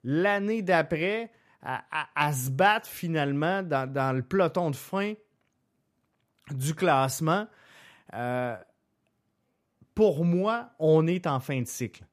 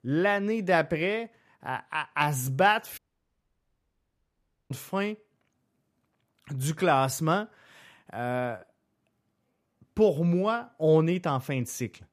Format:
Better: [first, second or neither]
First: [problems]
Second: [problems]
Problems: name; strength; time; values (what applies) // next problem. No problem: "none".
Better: first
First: none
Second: audio cutting out; at 3 s for 1.5 s